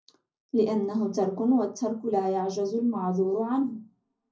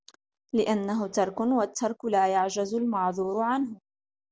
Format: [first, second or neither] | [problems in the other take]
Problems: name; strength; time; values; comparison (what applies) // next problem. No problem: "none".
second | room echo; dies away in 0.4 s